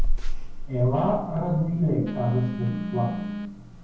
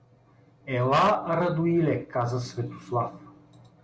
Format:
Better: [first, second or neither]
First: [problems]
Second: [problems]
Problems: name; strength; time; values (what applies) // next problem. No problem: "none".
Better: second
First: background sound (Telephone); 1 dB below the speech // room echo; dies away in 0.9 s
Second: none